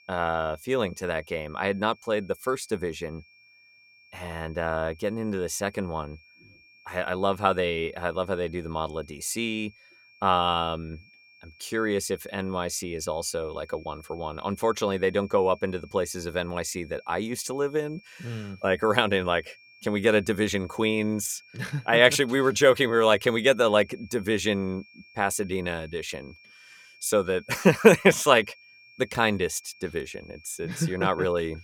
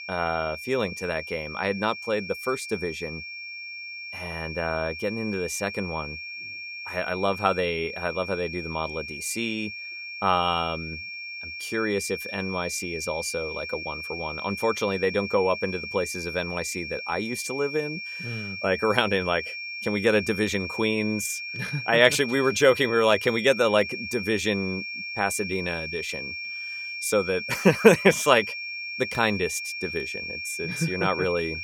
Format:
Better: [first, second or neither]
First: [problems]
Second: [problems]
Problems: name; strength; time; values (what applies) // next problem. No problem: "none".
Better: first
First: high-pitched whine; faint; throughout; 2.5 kHz, 25 dB below the speech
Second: high-pitched whine; loud; throughout; 2.5 kHz, 7 dB below the speech